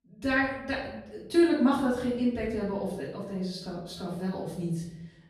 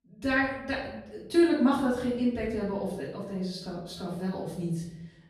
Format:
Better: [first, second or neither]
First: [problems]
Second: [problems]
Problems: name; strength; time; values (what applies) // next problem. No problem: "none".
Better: neither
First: off-mic speech; far // room echo; noticeable; dies away in 0.8 s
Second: off-mic speech; far // room echo; noticeable; dies away in 0.8 s